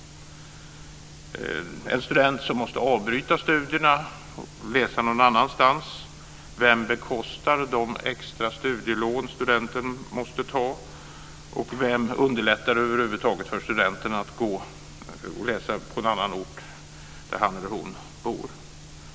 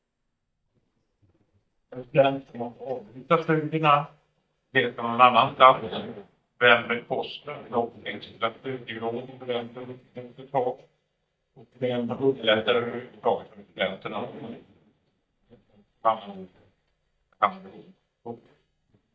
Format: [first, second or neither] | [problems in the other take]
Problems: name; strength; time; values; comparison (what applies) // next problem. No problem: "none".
first | noise reduction (neural mask model DeepFilterNet 3)